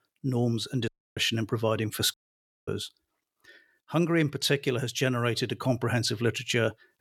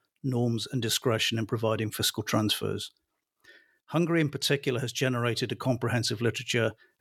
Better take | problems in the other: second | audio cutting out; at 1 s and at 2 s for 0.5 s

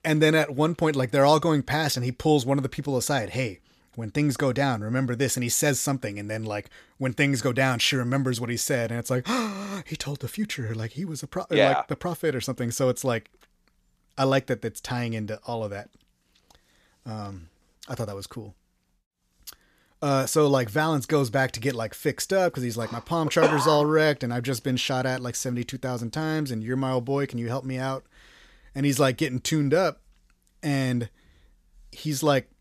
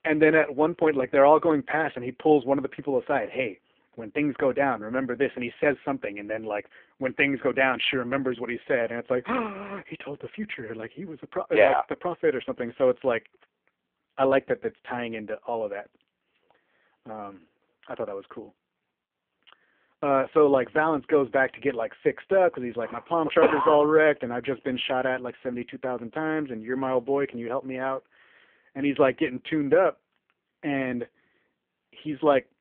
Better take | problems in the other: first | phone-call audio; poor line

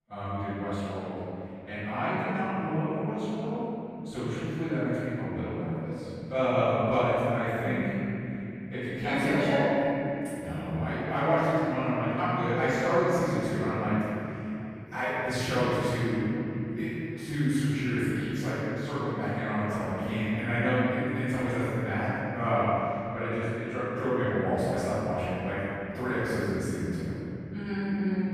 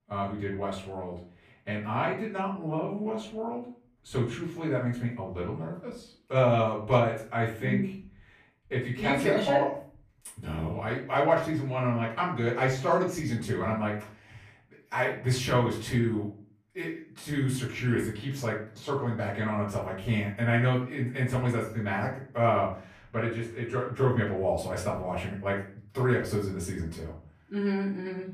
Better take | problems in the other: second | room echo; strong; dies away in 3 s; slight in the second // off-mic speech; far; far in the second

